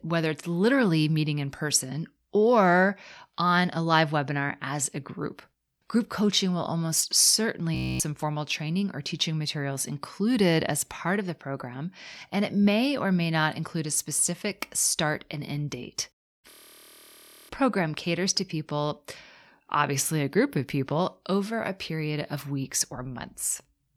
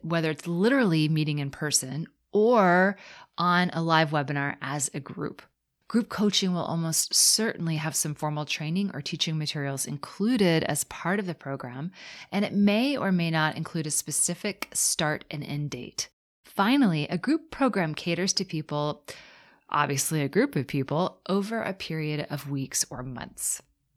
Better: second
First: audio freezing; at 8 s and at 17 s for 1 s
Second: none

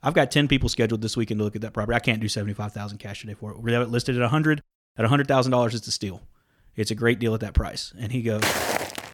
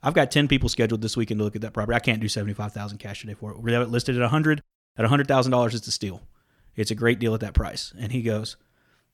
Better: second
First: footsteps; loud; at 8.5 s; peak 1 dB above the speech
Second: none

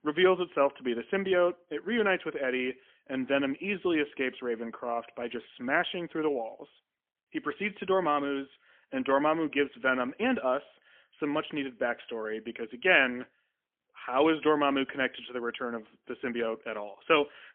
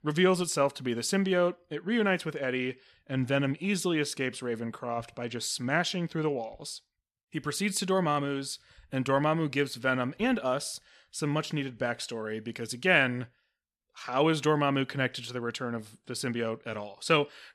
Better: second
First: phone-call audio; poor line; nothing above 3.5 kHz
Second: none

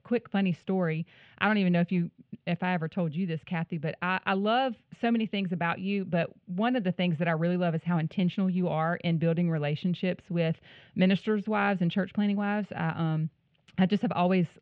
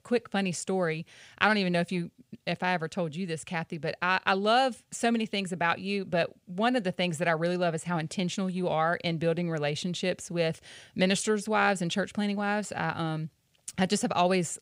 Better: second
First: muffled; slightly; fading above 3 kHz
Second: none

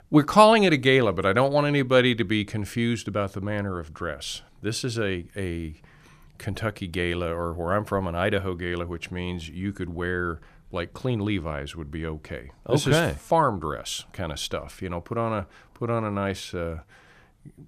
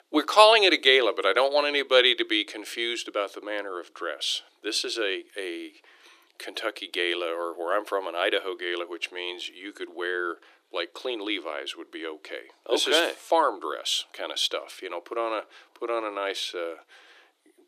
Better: first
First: none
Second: thin; very; fading below 350 Hz

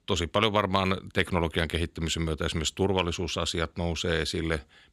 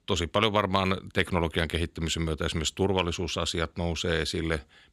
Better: neither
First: none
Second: none

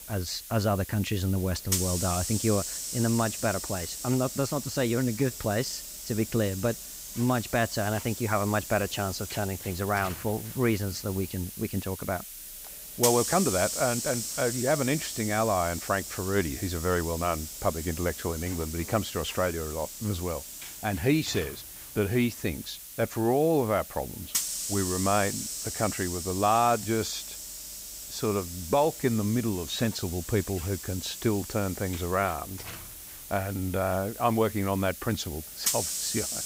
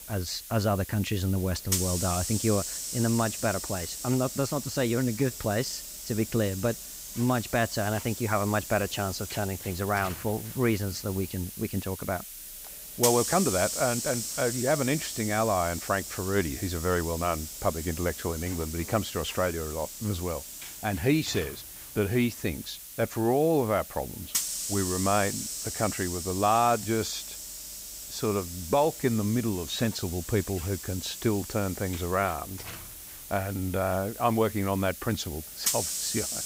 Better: neither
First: hiss; loud; throughout; 6 dB below the speech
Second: hiss; loud; throughout; 6 dB below the speech

